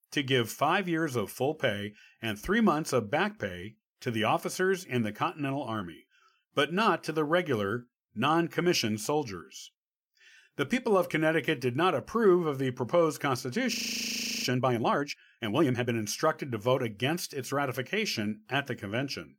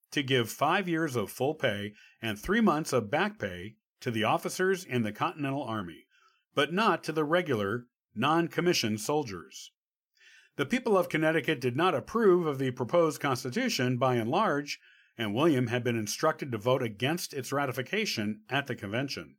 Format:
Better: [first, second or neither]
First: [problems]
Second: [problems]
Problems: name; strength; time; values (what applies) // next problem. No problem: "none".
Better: second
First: audio freezing; at 14 s for 0.5 s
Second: none